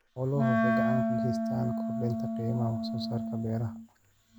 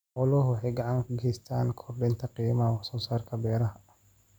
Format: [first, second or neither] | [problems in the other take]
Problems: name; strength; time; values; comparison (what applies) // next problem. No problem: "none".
second | background sound (Wind instrument, woodwind instrument); 3 dB above the speech